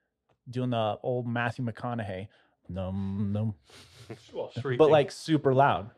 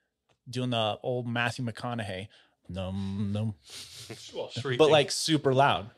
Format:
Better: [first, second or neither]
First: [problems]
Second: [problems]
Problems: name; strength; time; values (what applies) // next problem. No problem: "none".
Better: second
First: muffled; slightly; fading above 2.5 kHz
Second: none